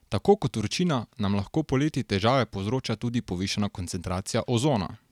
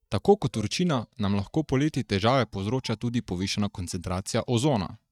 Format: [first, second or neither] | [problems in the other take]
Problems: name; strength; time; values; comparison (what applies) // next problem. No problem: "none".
first | noise reduction (neural mask model DeepFilterNet 3)